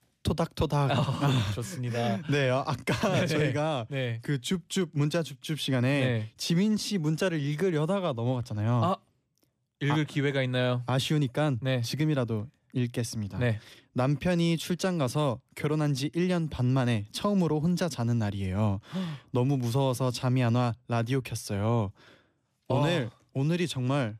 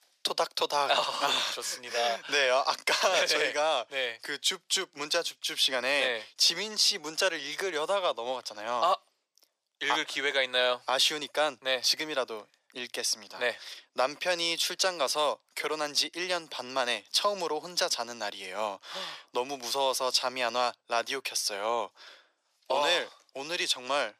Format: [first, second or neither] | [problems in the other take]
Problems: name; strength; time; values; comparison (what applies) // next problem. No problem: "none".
first | thin; very; fading below 550 Hz